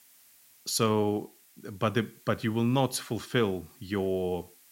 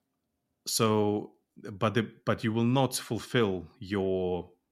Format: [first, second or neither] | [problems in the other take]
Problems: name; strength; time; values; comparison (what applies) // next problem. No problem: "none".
second | hiss; faint; throughout; 25 dB below the speech